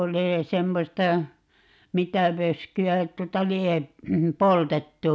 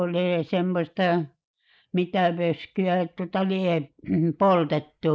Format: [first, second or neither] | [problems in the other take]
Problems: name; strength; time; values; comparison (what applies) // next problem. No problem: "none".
first | noise reduction (neural mask model Resemble Enhance denoiser)